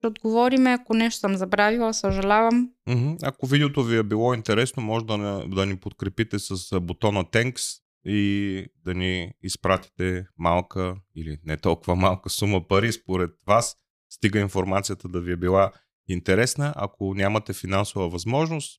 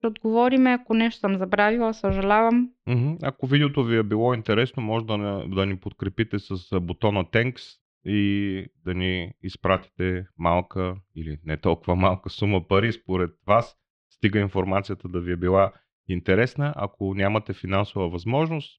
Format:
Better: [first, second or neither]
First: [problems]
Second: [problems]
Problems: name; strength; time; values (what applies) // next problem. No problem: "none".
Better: first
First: none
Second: muffled; very; fading above 3 kHz